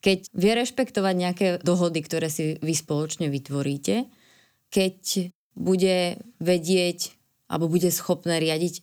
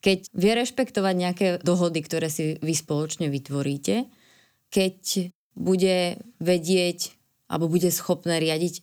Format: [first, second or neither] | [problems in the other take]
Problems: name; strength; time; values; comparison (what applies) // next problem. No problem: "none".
neither | none